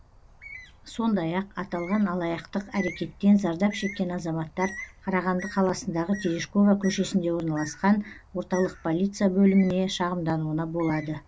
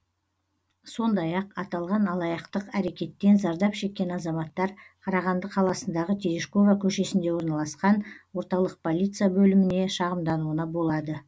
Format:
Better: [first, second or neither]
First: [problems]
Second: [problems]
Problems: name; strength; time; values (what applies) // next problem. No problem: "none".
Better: second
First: background sound (Bird); 19 dB below the speech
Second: none